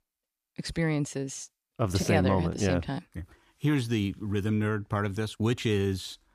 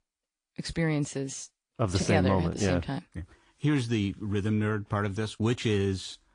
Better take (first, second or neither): first